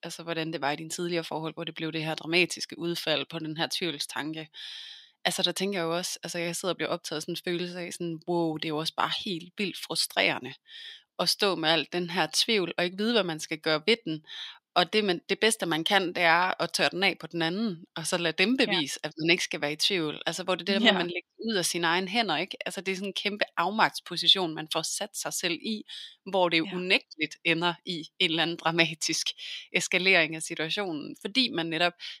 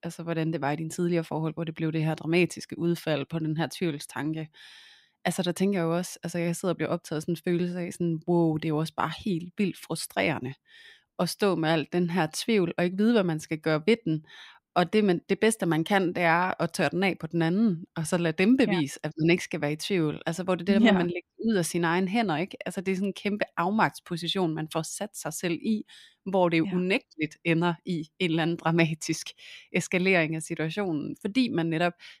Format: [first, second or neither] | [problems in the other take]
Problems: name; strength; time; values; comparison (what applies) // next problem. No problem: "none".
second | thin; very slightly; fading below 550 Hz